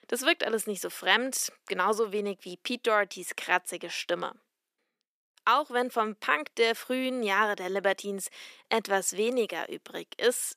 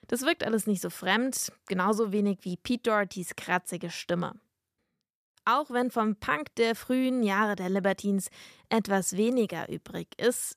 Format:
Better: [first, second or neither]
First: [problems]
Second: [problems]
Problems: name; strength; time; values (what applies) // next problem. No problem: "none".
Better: second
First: thin; somewhat; fading below 300 Hz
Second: none